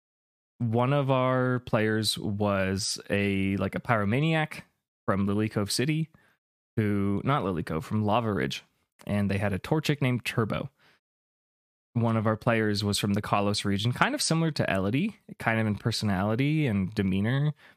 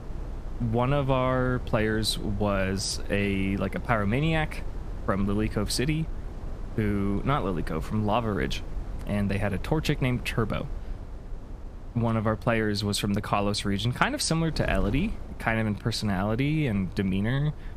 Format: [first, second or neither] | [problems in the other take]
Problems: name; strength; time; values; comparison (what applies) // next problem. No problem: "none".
first | wind noise on the microphone; occasional gusts; 20 dB below the speech